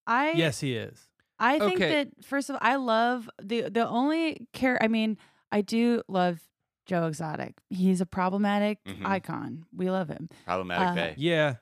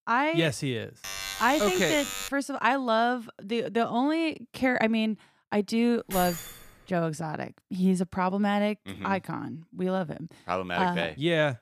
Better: first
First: none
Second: alarm; noticeable; from 1 to 2.5 s; peak 5 dB below the speech // jangling keys; noticeable; at 6 s; peak 6 dB below the speech

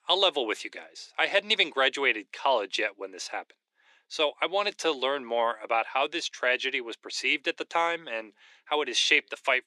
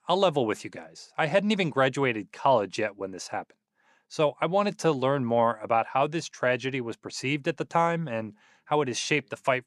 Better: second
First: thin; somewhat; fading below 350 Hz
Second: none

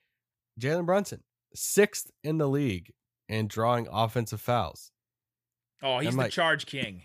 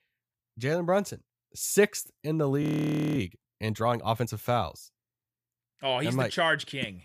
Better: first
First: none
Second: audio freezing; at 2.5 s for 0.5 s

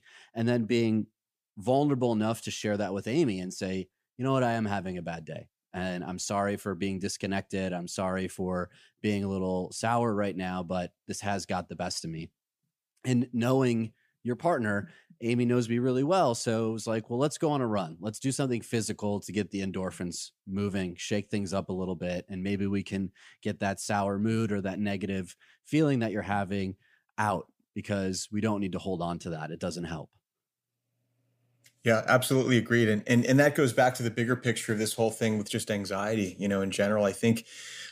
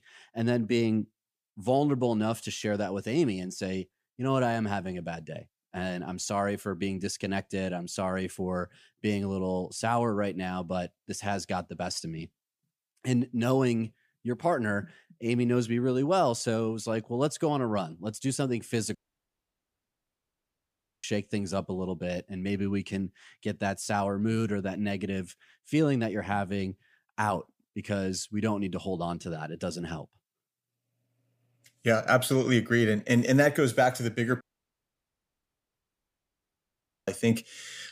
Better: first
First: none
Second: audio cutting out; at 19 s for 2 s and at 34 s for 2.5 s

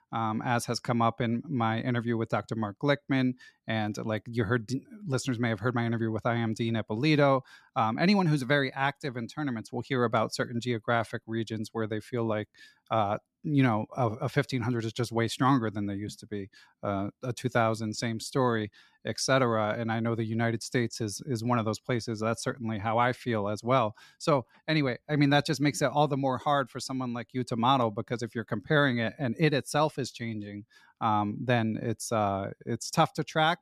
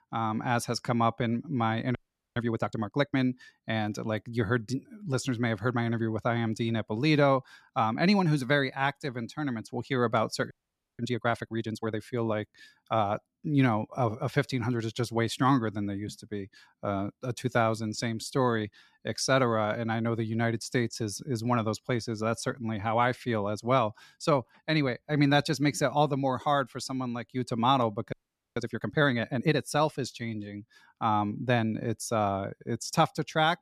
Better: first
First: none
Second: audio freezing; at 2 s, at 11 s and at 28 s

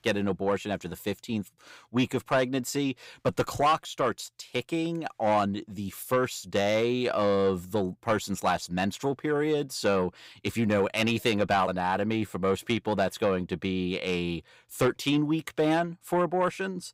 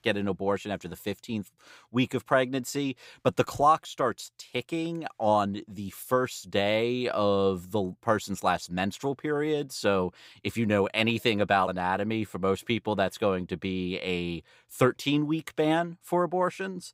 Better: second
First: distortion; slight; 10 dB below the speech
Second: none

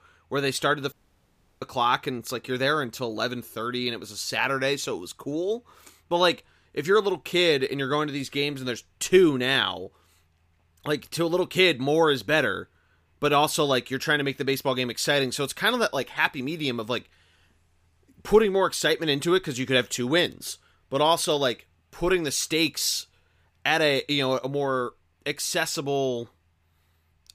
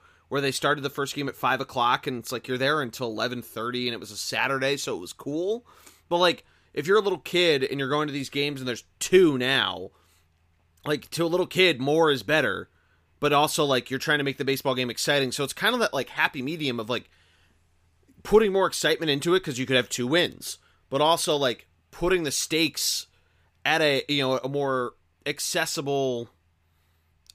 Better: second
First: audio cutting out; at 1 s for 0.5 s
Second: none

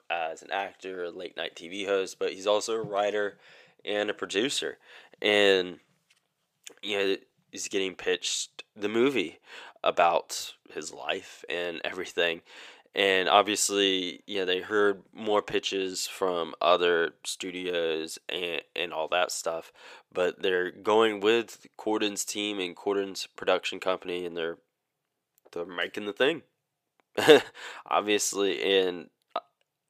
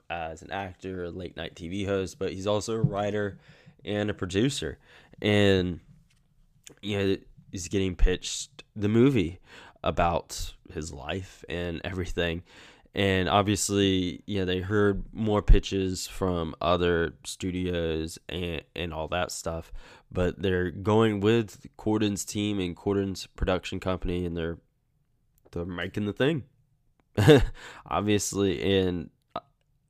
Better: second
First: thin; somewhat; fading below 500 Hz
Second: none

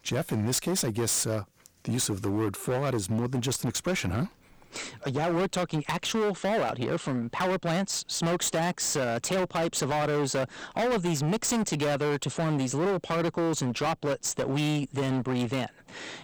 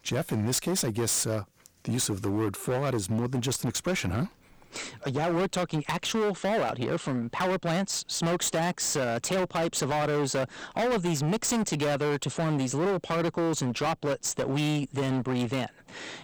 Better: neither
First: distortion; heavy; 25% of the sound clipped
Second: distortion; heavy; 25% of the sound clipped

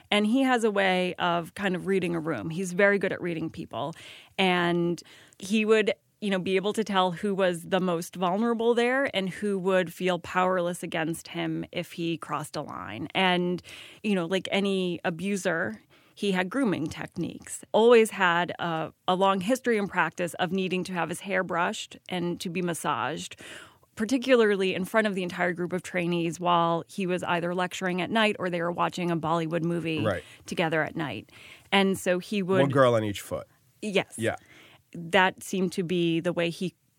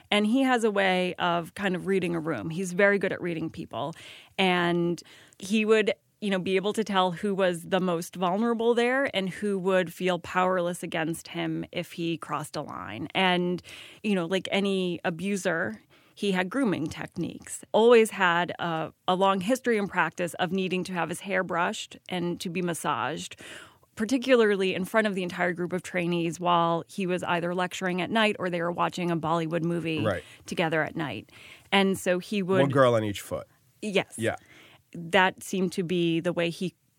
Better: neither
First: none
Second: none

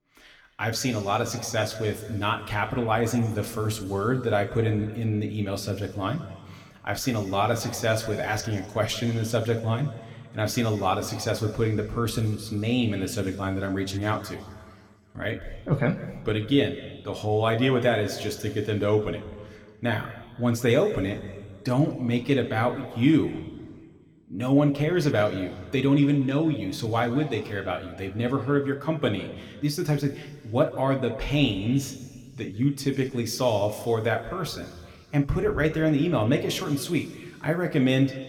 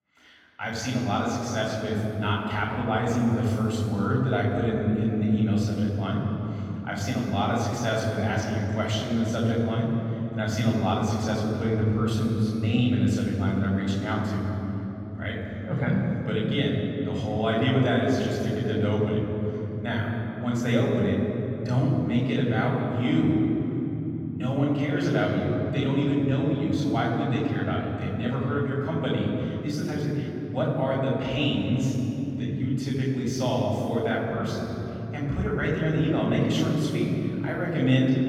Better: first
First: room echo; slight; dies away in 1.9 s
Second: room echo; strong; dies away in 3 s // off-mic speech; far

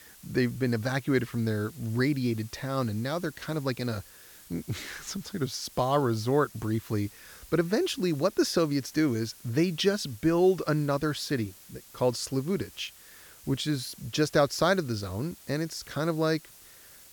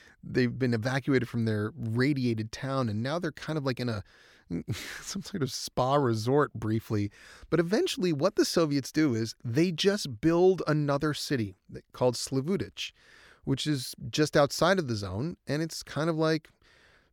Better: second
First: hiss; faint; throughout; 20 dB below the speech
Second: none

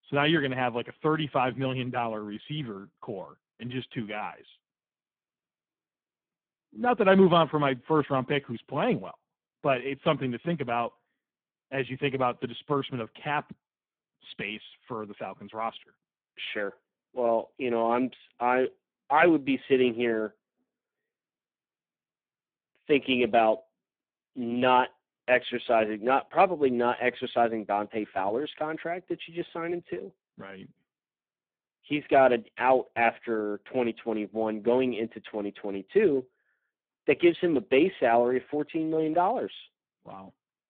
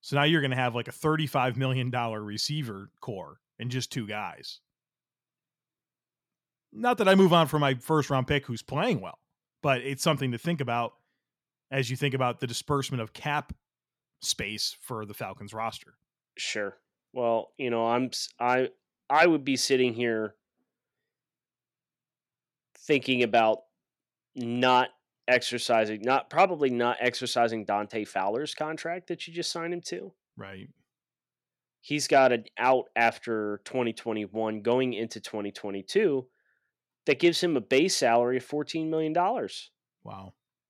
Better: second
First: phone-call audio; poor line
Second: none

